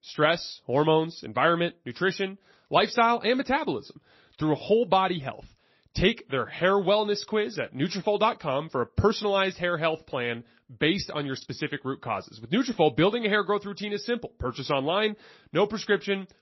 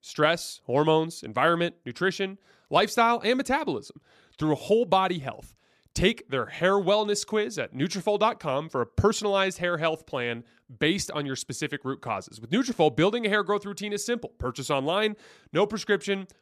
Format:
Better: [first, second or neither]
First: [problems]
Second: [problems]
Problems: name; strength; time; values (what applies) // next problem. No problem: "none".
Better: second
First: garbled, watery; slightly; nothing above 5.5 kHz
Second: none